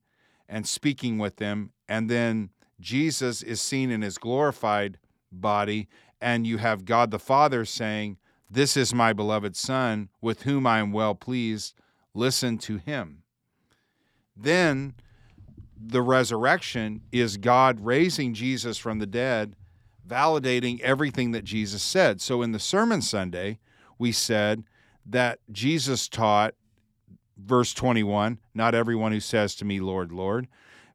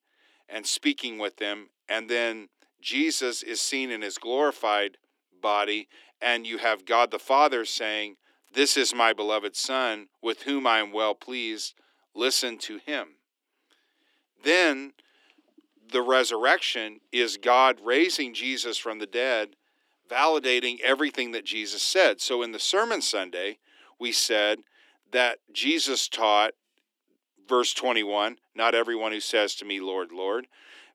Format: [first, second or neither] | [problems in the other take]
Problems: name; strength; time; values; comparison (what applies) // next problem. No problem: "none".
first | thin; somewhat; fading below 300 Hz